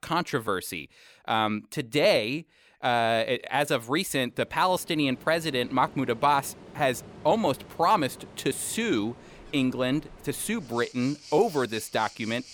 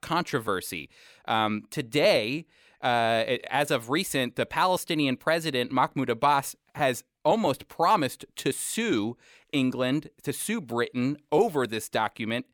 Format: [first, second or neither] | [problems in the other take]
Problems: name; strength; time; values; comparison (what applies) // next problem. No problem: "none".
second | rain or running water; noticeable; from 5 s on; 20 dB below the speech